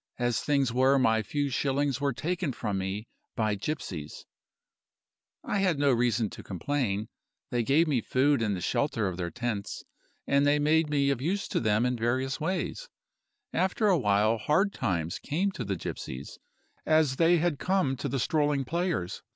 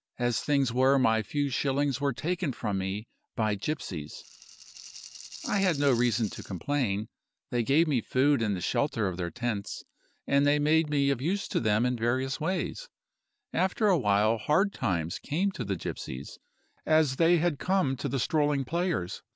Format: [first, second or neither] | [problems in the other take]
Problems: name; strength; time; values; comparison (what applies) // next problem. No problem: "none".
first | background sound (Rattle (instrument)); 16 dB below the speech